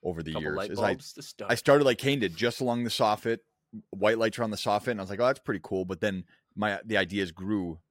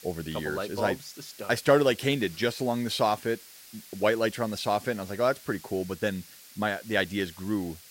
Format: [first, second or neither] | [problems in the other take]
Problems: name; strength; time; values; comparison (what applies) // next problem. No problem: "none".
first | hiss; noticeable; throughout; 20 dB below the speech